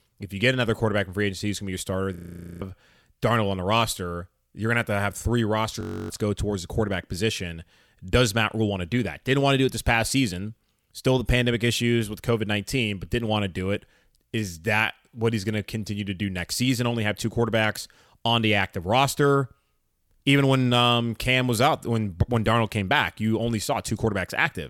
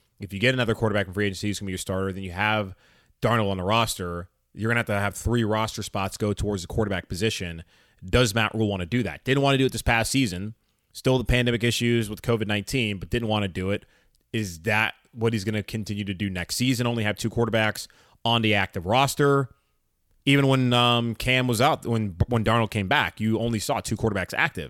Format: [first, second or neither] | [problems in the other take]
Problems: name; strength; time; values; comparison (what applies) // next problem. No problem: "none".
second | audio freezing; at 2 s and at 6 s